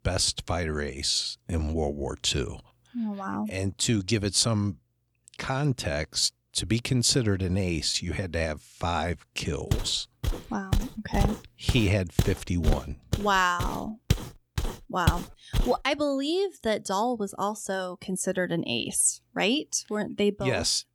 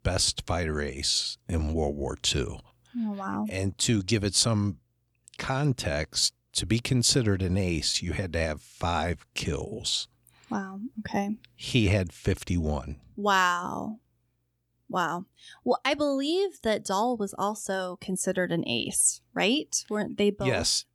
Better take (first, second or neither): second